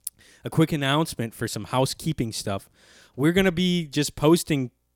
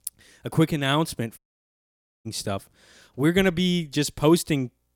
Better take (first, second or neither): first